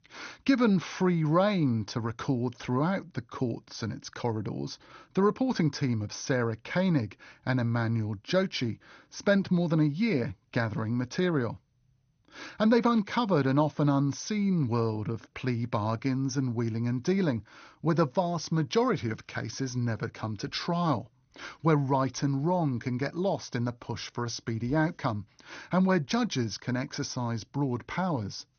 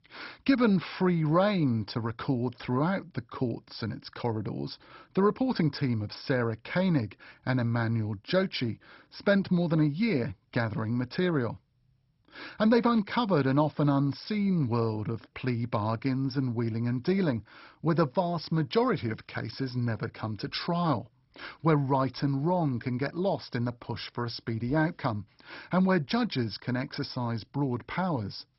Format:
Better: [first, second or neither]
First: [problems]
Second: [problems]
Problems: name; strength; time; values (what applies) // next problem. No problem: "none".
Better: first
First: garbled, watery; slightly; nothing above 6.5 kHz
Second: garbled, watery; badly; nothing above 5.5 kHz